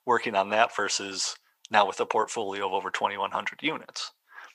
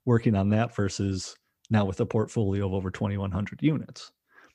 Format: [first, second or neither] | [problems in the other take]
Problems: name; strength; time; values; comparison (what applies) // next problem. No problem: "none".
second | thin; very; fading below 850 Hz